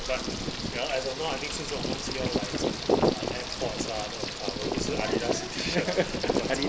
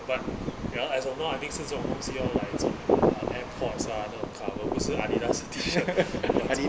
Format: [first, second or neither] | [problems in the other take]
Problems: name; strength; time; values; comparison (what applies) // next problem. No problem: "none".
second | background sound (Frying (food)); 7 dB below the speech